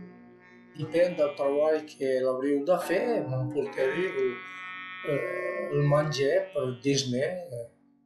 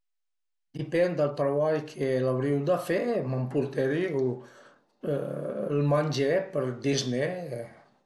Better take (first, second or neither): second